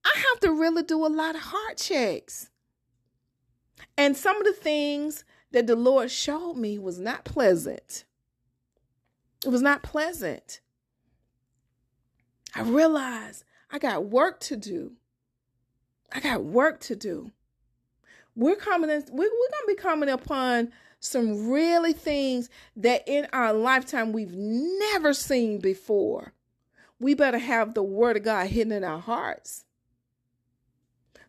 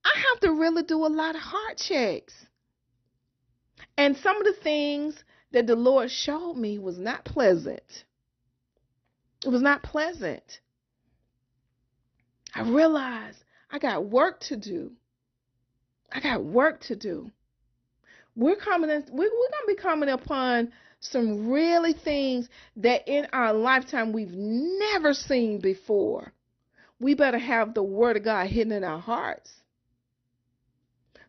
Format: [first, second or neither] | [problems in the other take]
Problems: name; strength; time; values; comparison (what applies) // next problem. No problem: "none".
first | garbled, watery; slightly; nothing above 6 kHz